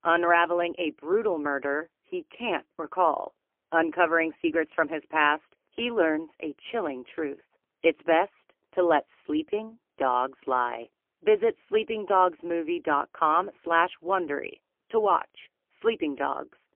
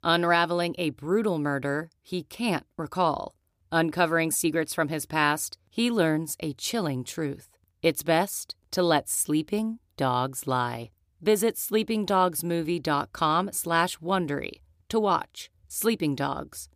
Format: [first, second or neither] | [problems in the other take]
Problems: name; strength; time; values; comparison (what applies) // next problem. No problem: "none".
second | phone-call audio; poor line; nothing above 3 kHz